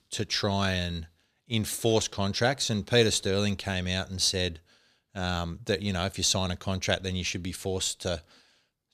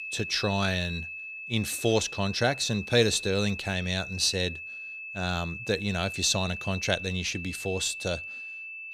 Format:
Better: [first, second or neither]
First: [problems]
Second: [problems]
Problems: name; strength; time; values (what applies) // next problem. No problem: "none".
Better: first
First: none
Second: high-pitched whine; loud; throughout; 2.5 kHz, 8 dB below the speech